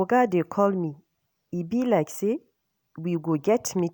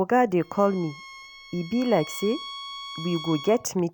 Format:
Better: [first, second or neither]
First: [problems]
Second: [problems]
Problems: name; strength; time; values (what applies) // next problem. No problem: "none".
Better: first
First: none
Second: background sound (Bowed string instrument); 15 dB below the speech